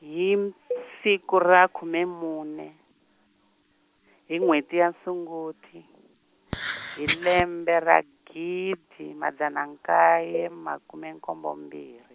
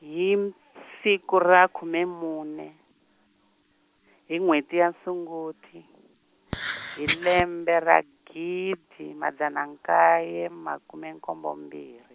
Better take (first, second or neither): second